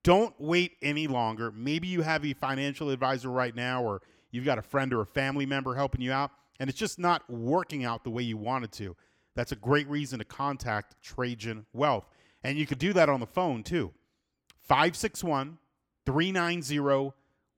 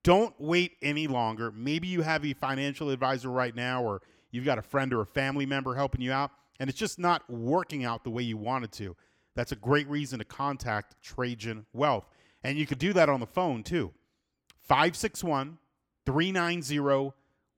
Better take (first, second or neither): neither